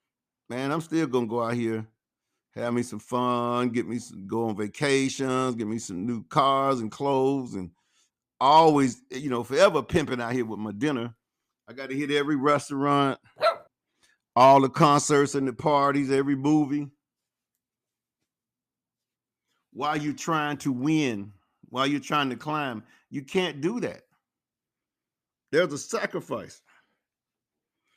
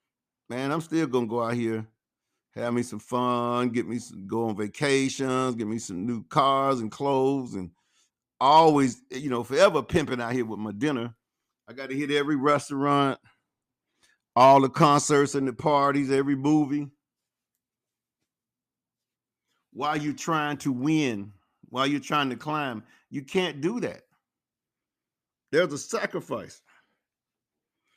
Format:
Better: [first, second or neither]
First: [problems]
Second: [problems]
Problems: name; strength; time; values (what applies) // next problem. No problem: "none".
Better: second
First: dog barking; noticeable; at 13 s; peak 1 dB below the speech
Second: none